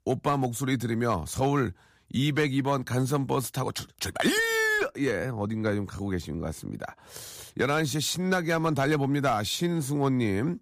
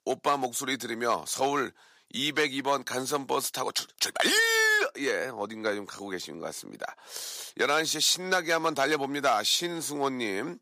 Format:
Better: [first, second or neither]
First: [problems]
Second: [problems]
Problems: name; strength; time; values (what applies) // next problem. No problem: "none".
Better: first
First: none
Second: thin; somewhat; fading below 450 Hz